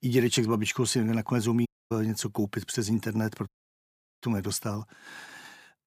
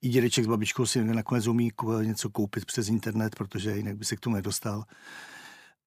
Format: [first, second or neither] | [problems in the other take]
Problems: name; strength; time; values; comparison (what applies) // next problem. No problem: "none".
second | audio cutting out; at 1.5 s and at 3.5 s for 0.5 s